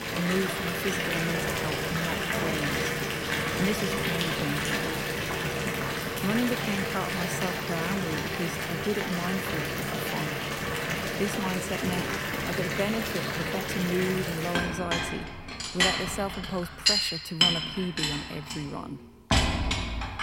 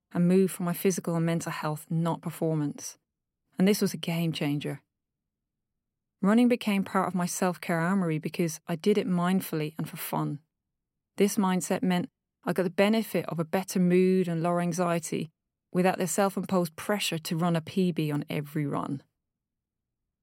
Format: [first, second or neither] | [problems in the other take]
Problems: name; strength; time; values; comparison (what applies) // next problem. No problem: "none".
second | household noises; very loud; throughout; 5 dB above the speech